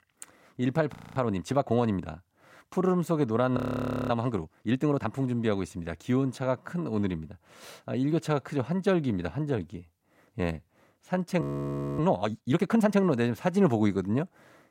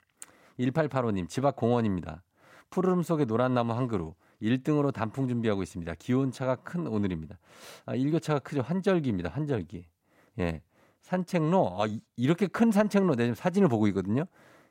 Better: second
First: audio freezing; at 1 s, at 3.5 s for 0.5 s and at 11 s for 0.5 s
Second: none

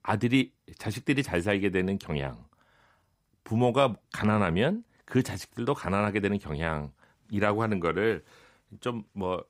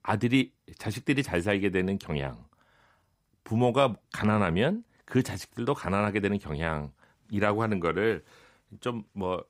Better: neither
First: none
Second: none

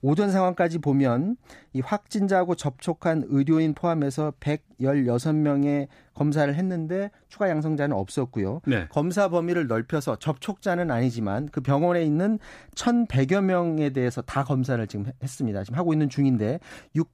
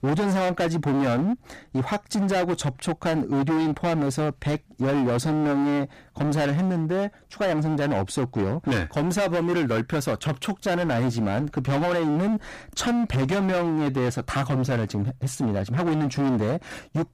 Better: first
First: none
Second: distortion; heavy; 28% of the sound clipped

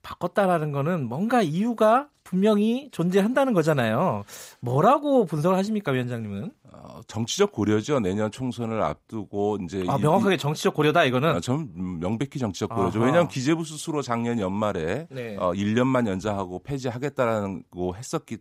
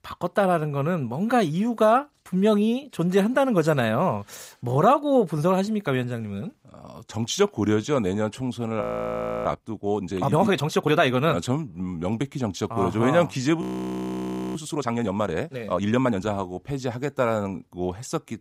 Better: first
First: none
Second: audio freezing; at 9 s for 0.5 s and at 14 s for 1 s

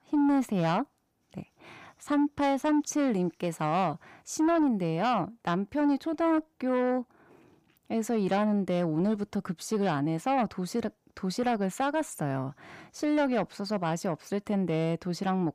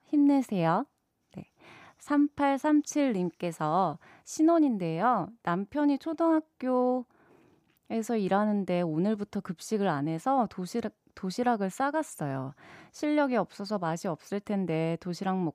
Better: second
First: distortion; slight; 10 dB below the speech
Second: none

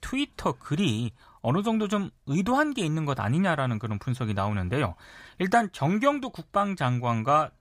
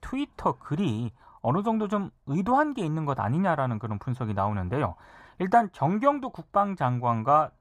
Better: first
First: none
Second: muffled; slightly; fading above 2 kHz

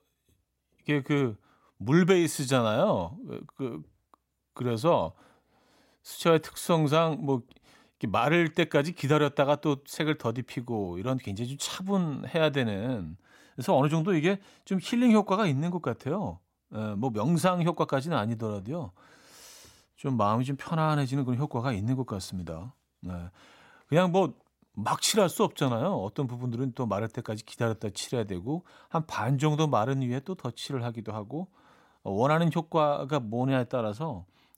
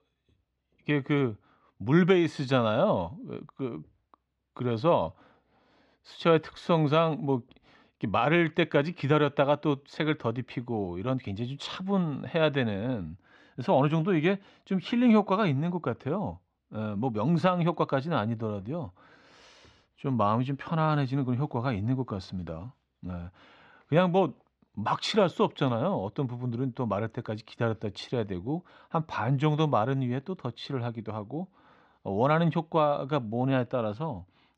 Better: first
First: none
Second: muffled; slightly; fading above 4 kHz

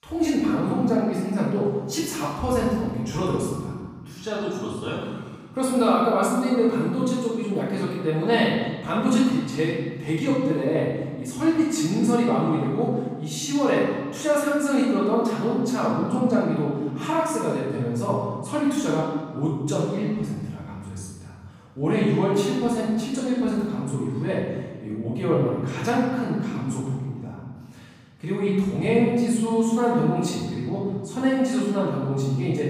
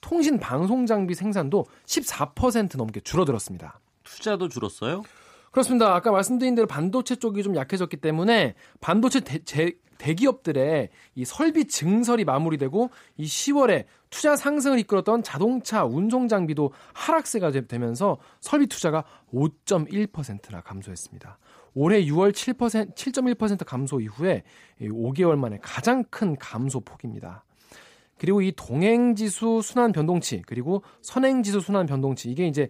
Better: second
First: off-mic speech; far // room echo; noticeable; dies away in 1.5 s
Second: none

